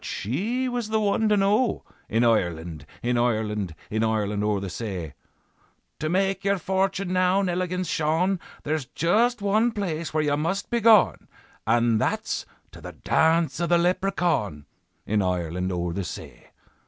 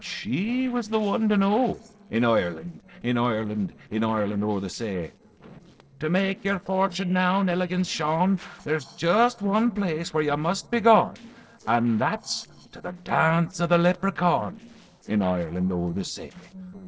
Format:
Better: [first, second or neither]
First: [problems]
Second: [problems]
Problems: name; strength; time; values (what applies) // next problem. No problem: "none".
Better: first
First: none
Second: noise reduction (neural separator model SepFormer DNS4)